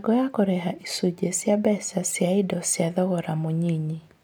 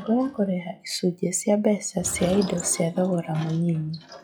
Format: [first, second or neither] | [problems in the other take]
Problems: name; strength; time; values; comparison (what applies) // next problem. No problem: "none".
first | noise reduction (classical method log-MMSE)